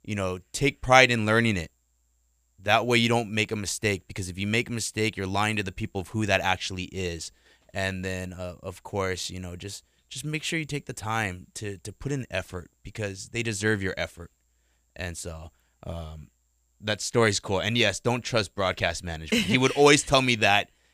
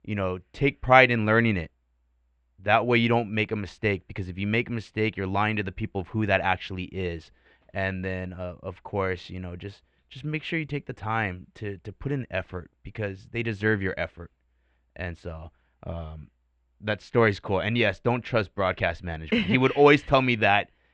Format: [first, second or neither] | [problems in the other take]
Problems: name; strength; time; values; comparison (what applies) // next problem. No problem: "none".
first | muffled; very; fading above 2.5 kHz